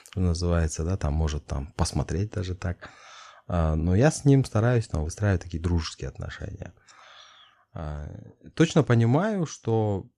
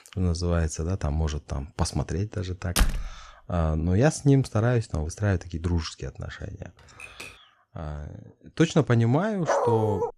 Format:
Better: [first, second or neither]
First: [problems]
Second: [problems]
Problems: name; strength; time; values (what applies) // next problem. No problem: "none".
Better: first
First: none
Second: door banging; noticeable; at 3 s; peak level with the speech // keyboard typing; faint; at 7 s; peak 15 dB below the speech // dog barking; loud; at 9.5 s; peak 2 dB above the speech